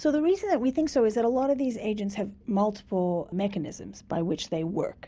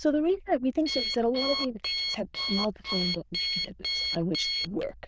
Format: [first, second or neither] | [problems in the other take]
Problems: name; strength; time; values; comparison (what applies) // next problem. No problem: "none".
first | noise reduction (neural diffusion model UNIVERSE++)